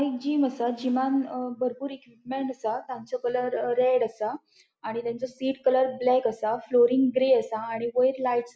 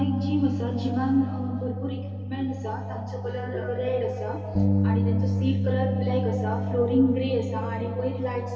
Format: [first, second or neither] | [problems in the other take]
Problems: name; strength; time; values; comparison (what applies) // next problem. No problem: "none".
first | background sound (Bass guitar); as loud as the speech // room echo; dies away in 2.7 s